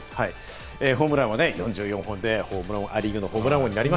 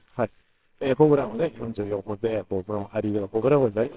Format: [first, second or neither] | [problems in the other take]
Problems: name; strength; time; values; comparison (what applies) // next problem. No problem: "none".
first | noise reduction (neural separator model SepFormer WHAMR!)